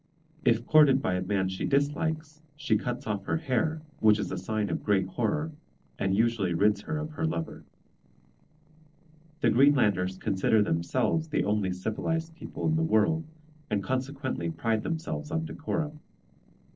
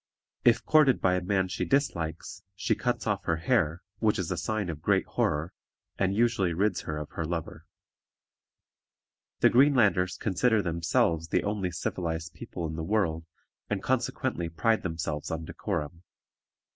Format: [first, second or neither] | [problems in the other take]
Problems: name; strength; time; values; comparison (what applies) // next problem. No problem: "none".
second | noise reduction (neural separator model SepFormer DNS4)